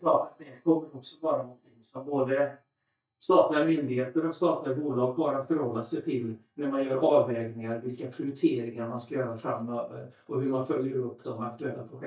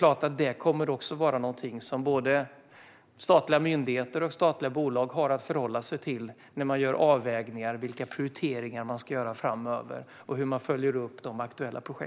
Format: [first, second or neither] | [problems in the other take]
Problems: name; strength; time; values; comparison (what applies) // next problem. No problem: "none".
second | noise reduction (neural mask model DeepFilterNet 3)